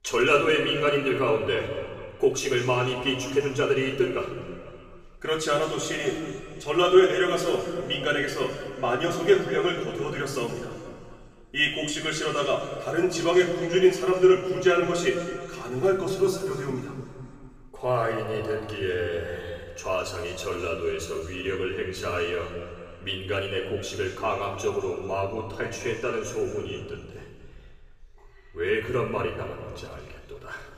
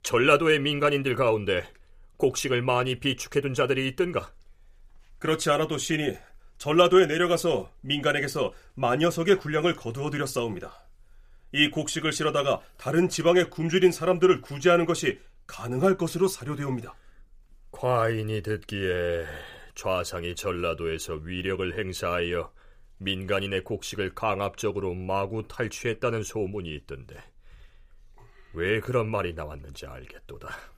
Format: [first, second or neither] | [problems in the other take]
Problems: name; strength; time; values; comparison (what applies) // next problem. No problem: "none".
second | room echo; noticeable; dies away in 2.1 s // off-mic speech; far